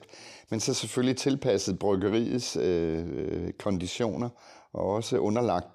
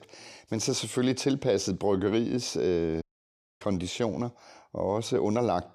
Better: first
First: none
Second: audio cutting out; at 3 s for 0.5 s

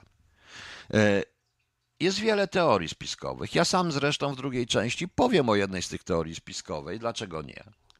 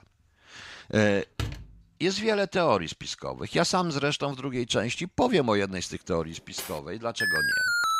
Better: first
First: none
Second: door banging; noticeable; at 1.5 s; peak 8 dB below the speech // clattering dishes; faint; at 6.5 s; peak 10 dB below the speech // alarm; loud; at 7 s; peak 4 dB above the speech

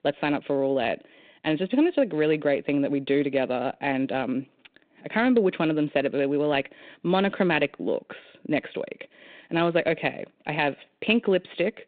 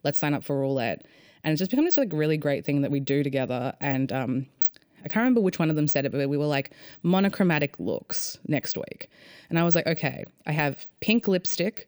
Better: second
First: phone-call audio; nothing above 4 kHz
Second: none

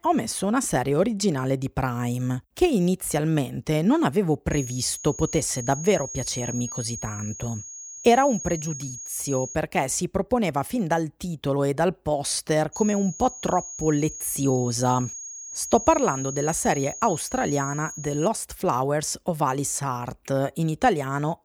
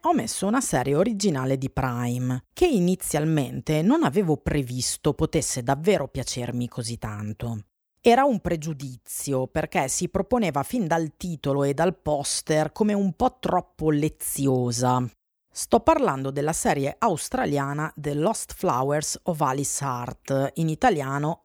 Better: second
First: high-pitched whine; loud; from 4.5 to 9.5 s and from 13 to 18 s; 6.5 kHz, 9 dB below the speech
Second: none

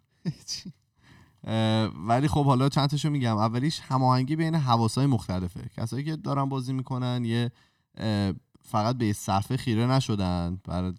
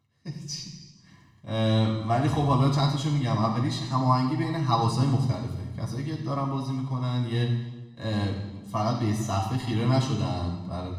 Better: first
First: none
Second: room echo; noticeable; dies away in 1.1 s // off-mic speech; far

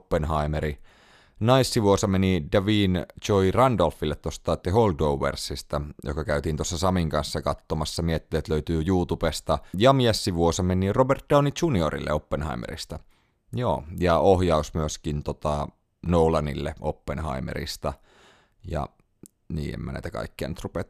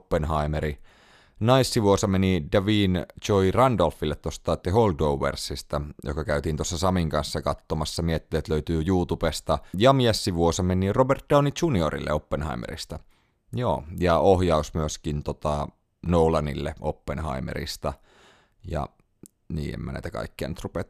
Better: neither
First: none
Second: none

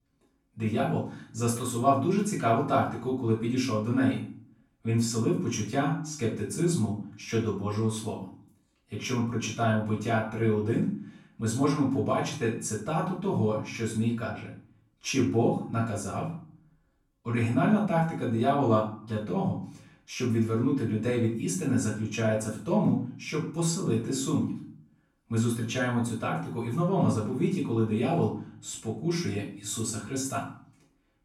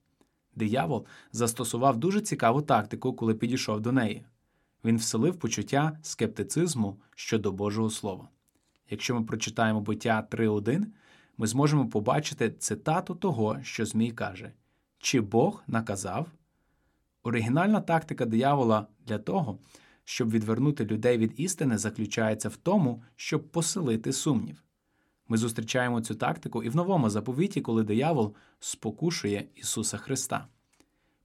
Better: second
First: off-mic speech; far // room echo; noticeable; dies away in 0.4 s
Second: none

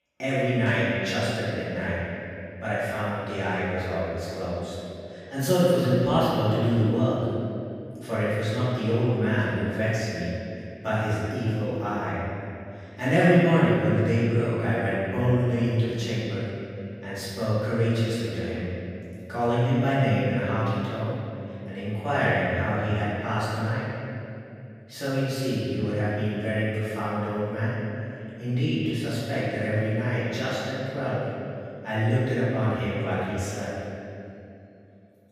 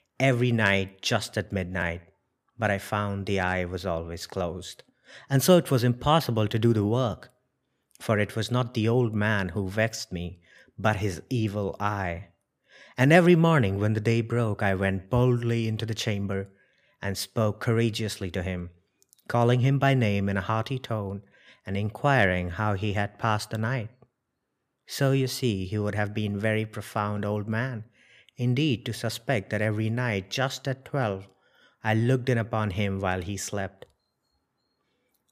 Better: second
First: off-mic speech; far // room echo; strong; dies away in 2.6 s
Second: none

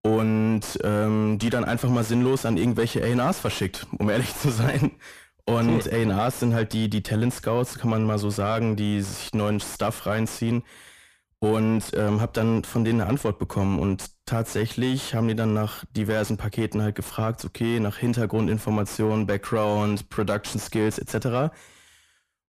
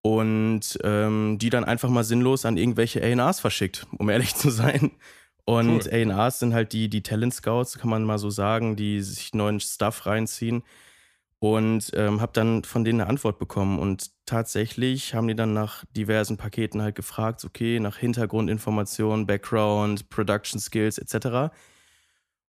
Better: second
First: distortion; slight; 9 dB below the speech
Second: none

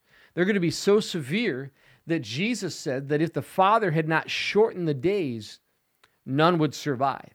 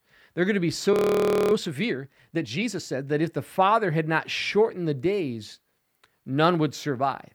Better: first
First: none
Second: audio freezing; at 1 s for 0.5 s

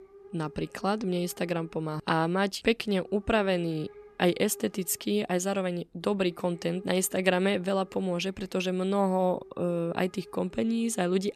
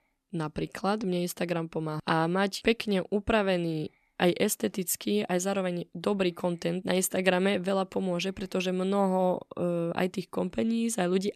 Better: second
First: hiss; faint; throughout; 20 dB below the speech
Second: none

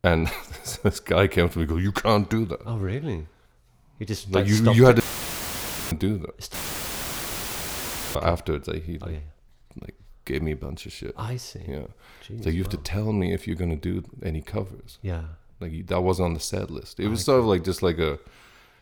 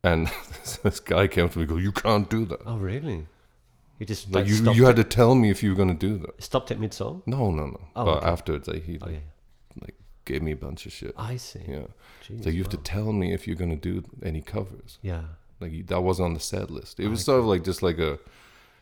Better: second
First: audio cutting out; filled with static; at 5 s for 1 s and at 6.5 s for 1.5 s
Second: none

